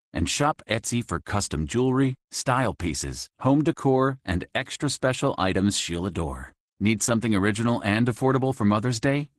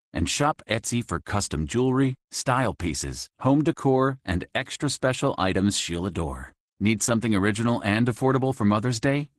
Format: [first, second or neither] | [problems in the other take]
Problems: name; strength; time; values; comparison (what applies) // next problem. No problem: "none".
neither | garbled, watery; slightly; the same in both